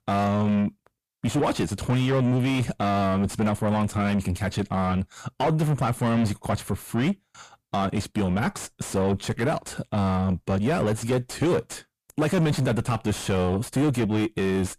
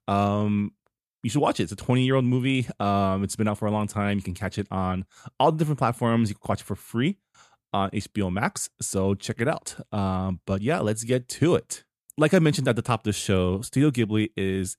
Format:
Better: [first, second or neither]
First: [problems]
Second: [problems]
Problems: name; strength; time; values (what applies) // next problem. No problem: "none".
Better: second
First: distortion; heavy; 6 dB below the speech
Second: none